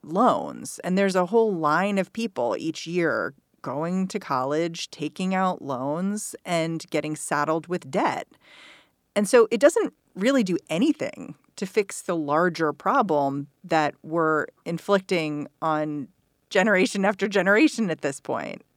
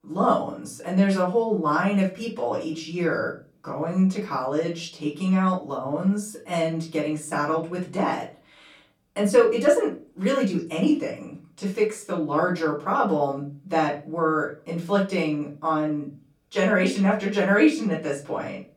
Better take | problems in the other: first | off-mic speech; far // room echo; slight; dies away in 0.3 s

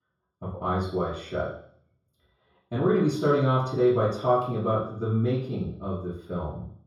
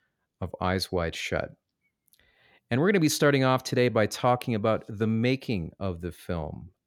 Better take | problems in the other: second | room echo; noticeable; dies away in 0.6 s // off-mic speech; far

